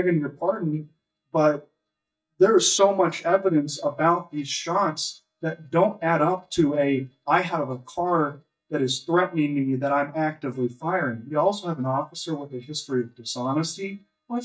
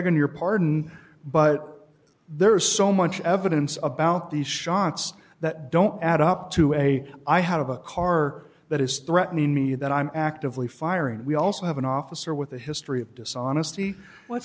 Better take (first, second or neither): second